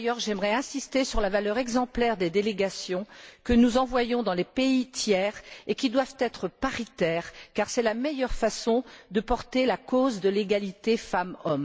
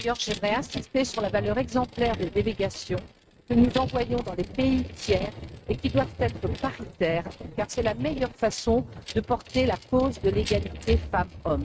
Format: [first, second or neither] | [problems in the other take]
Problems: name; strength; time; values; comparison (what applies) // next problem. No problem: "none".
first | noise reduction (neural mask model RNNoise)